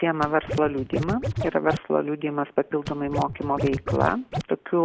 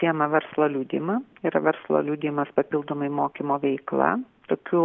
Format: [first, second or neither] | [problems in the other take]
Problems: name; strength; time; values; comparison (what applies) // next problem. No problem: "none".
second | background sound (Scratching (performance technique)); 5 dB below the speech